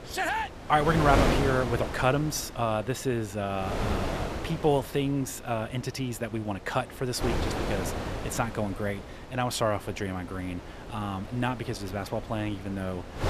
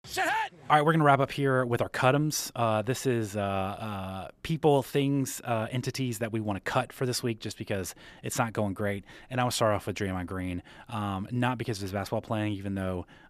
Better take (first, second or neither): second